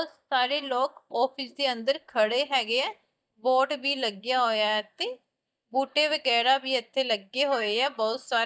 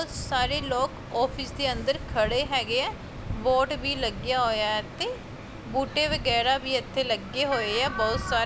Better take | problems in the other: second | noise reduction (neural mask model DeepFilterNet 3)

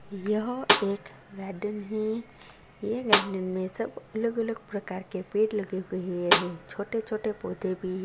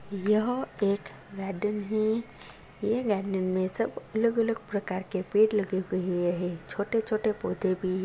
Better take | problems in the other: second | background sound (Snare drum); 1 dB above the speech

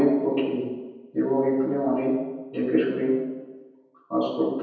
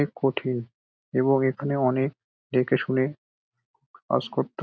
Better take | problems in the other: second | room echo; dies away in 1.1 s

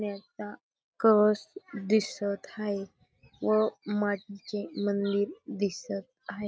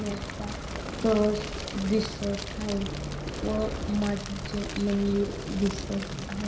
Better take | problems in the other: first | background sound (Fire); 5 dB below the speech // room echo; dies away in 0.5 s

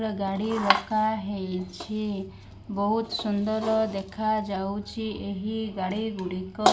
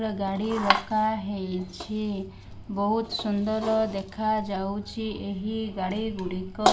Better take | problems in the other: first | background sound (Cricket); 19 dB below the speech

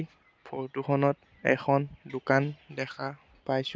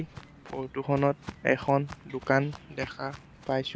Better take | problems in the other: first | background sound (Walk, footsteps); 17 dB below the speech

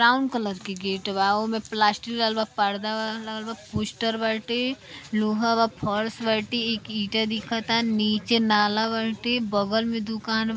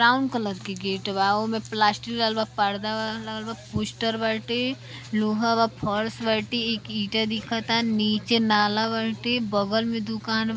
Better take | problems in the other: first | background sound (Mechanical fan); 19 dB below the speech

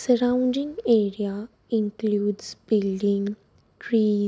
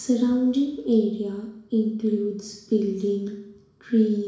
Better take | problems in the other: first | room echo; dies away in 0.7 s

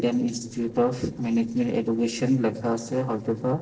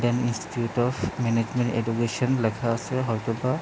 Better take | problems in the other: second | noise reduction (neural separator model SepFormer DNS4)

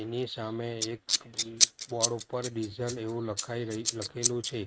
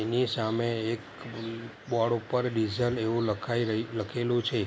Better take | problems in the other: second | noise reduction (neural mask model RNNoise)

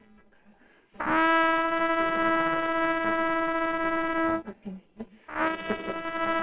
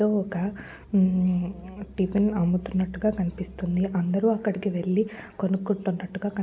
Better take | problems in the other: second | noise reduction (neural separator model SepFormer WHAMR!)

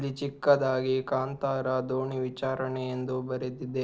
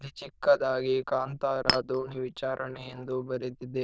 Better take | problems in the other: first | noise reduction (neural diffusion model UNIVERSE++)

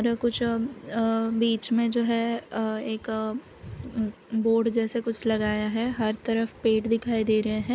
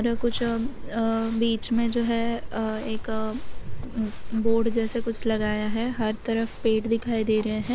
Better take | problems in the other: first | background sound (Crumpling, crinkling); 3 dB below the speech

